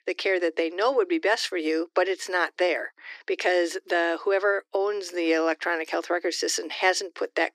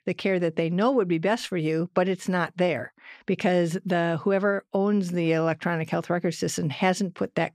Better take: second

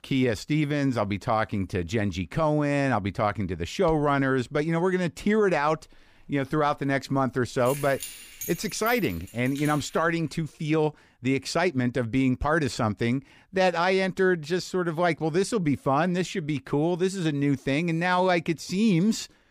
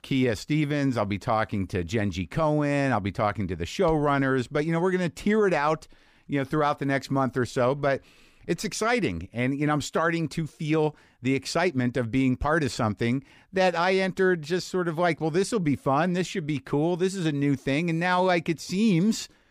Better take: second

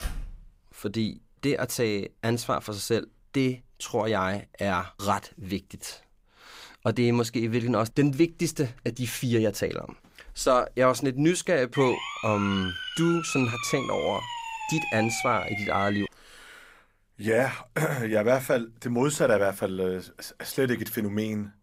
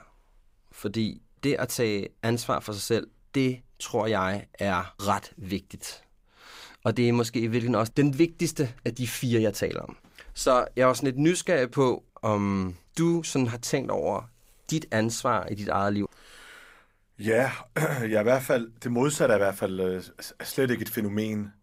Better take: second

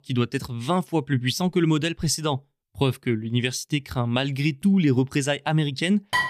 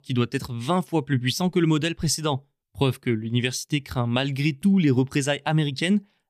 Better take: second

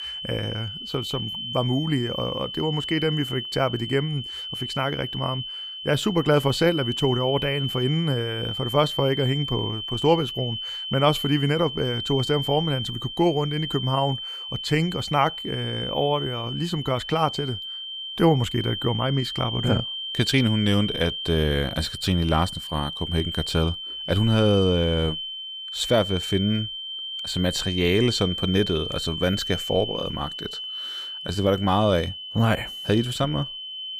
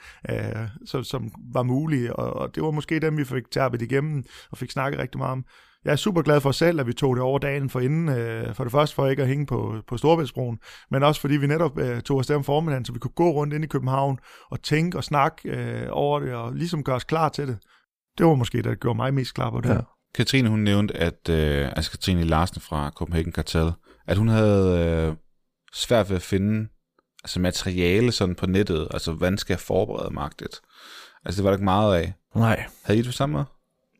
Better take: second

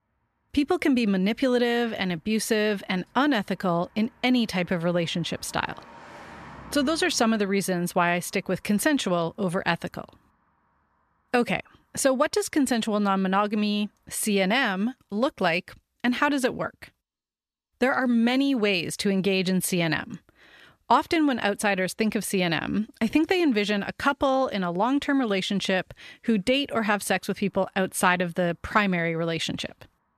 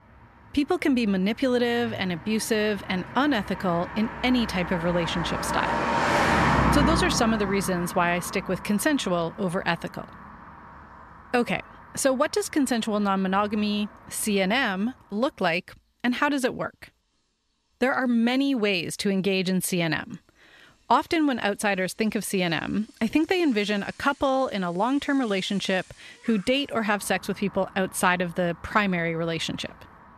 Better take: first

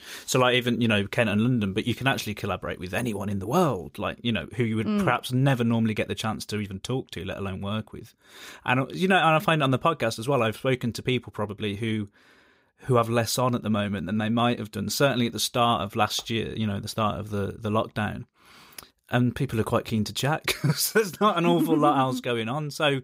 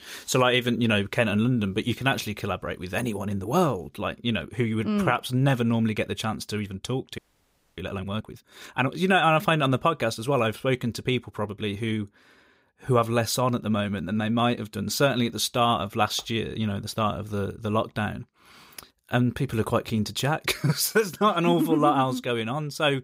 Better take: first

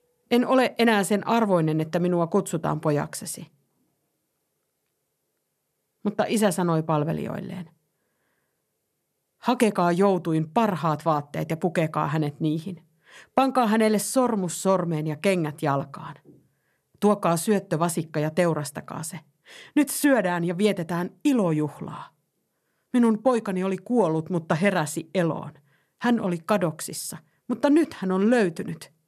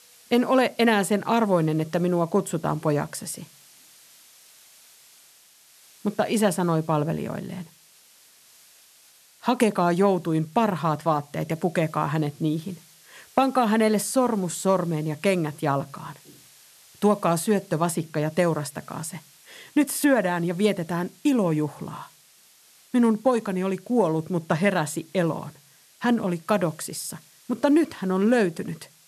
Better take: first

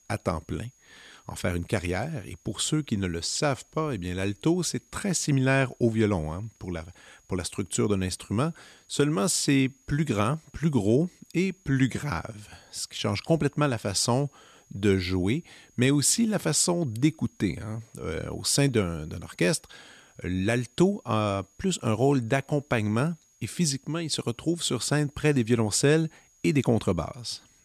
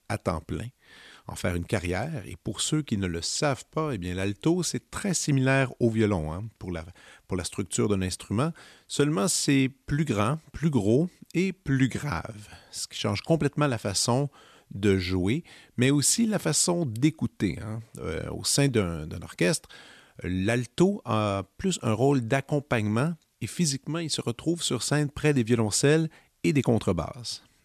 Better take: second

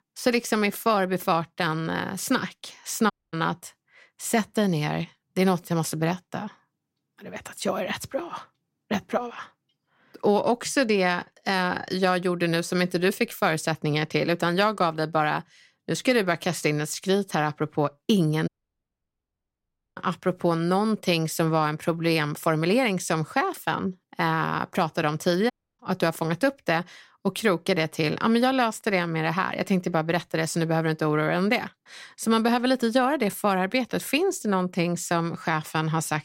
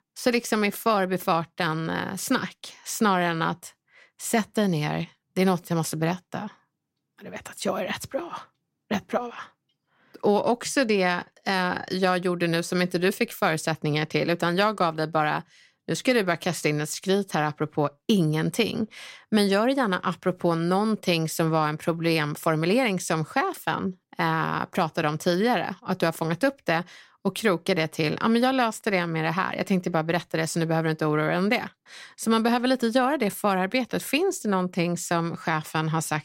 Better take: second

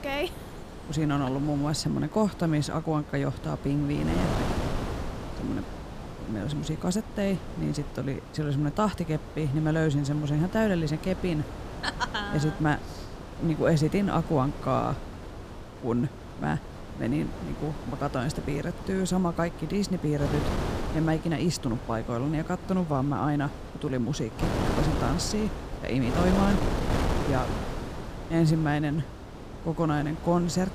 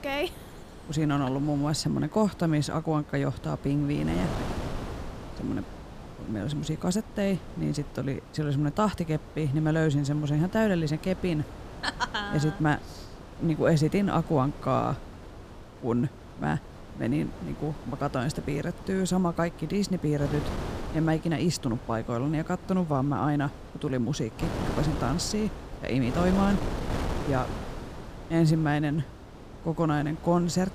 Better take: second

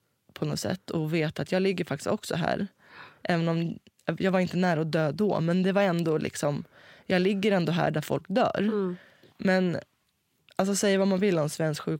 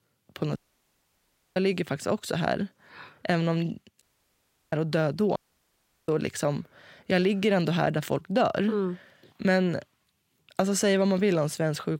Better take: first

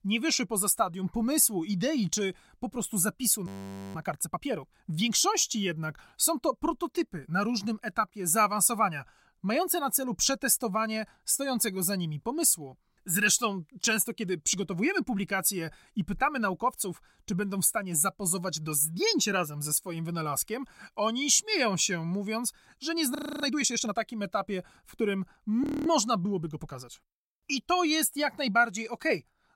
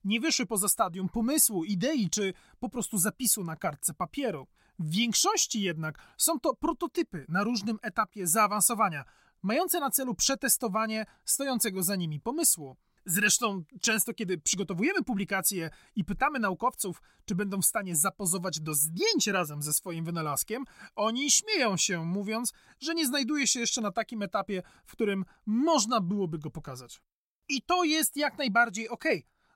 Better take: second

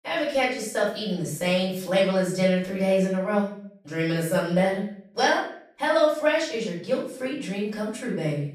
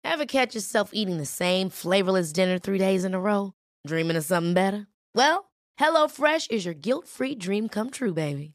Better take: second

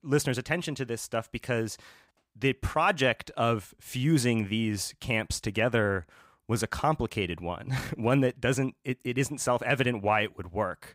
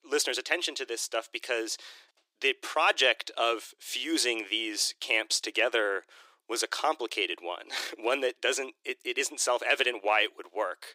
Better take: first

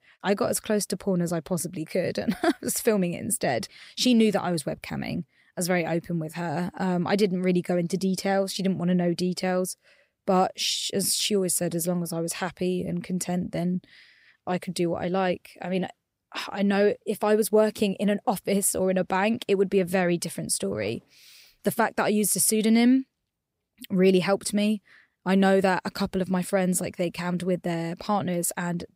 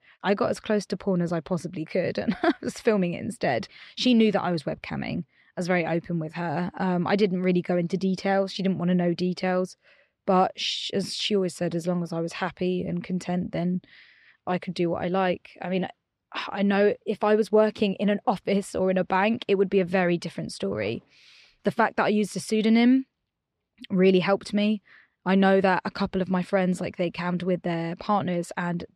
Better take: first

